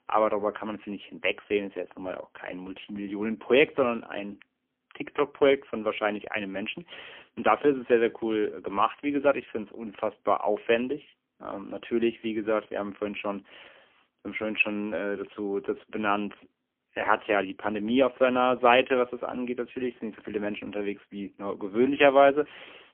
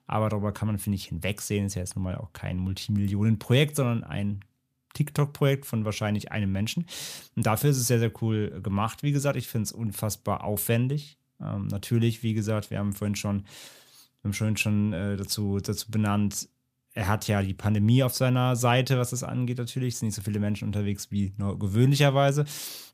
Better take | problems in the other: second | phone-call audio; poor line; nothing above 3 kHz

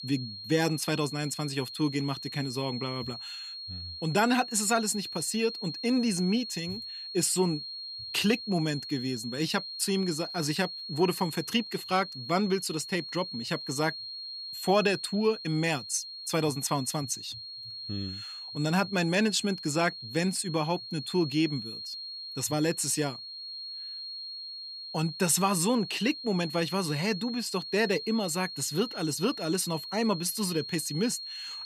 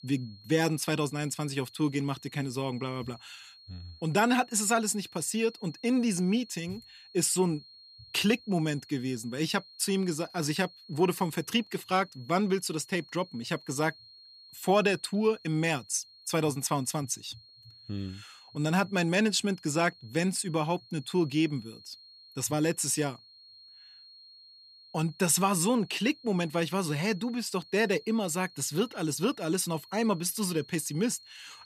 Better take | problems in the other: second | high-pitched whine; loud; throughout; 4.5 kHz, 8 dB below the speech; faint in the second

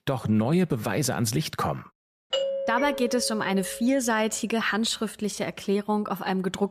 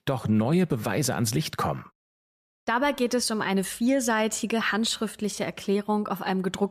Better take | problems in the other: second | doorbell; noticeable; from 2.5 to 4 s; peak 1 dB below the speech

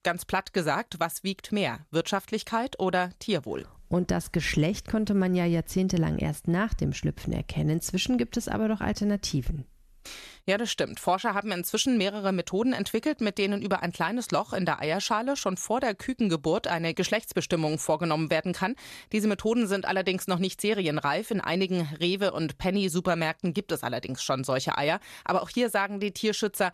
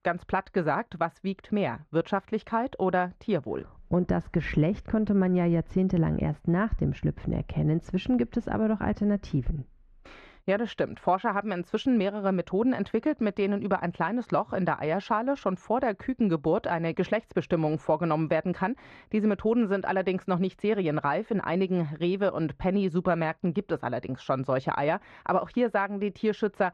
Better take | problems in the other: first | muffled; very; fading above 1.5 kHz

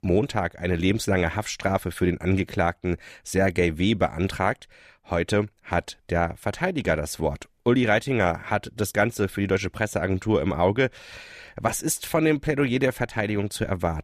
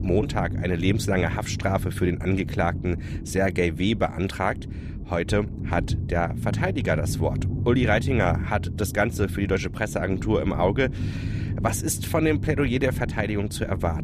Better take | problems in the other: first | low rumble; noticeable; throughout; 15 dB below the speech

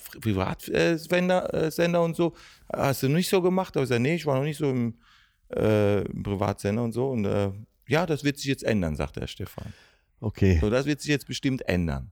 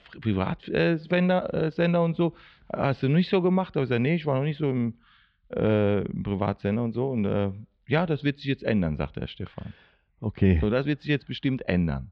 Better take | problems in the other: first | muffled; slightly; fading above 4 kHz

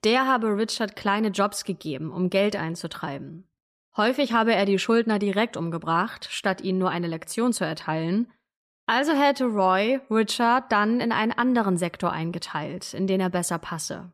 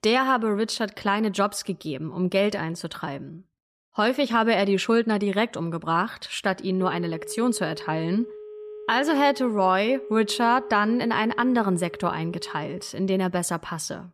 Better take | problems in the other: first | alarms or sirens; noticeable; from 5.5 s on; 15 dB below the speech

